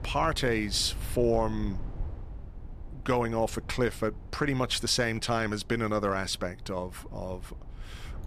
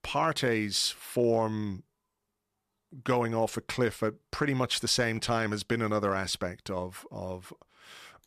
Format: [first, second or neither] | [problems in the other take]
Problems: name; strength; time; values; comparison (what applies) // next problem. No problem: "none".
second | low rumble; faint; throughout; 25 dB below the speech